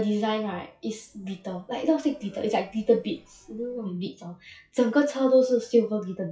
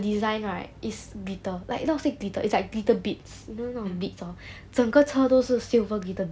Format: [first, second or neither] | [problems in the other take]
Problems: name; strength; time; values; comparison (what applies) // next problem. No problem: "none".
second | noise reduction (classical method WPE with log-MMSE)